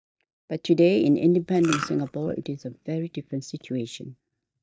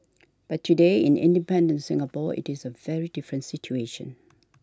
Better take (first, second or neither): second